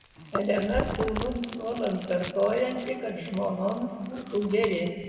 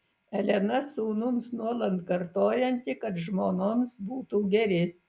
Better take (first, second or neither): second